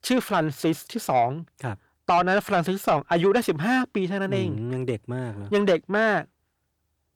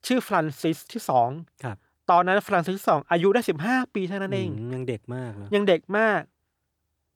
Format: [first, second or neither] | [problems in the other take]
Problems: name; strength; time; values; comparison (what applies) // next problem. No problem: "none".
second | distortion; slight; 10 dB below the speech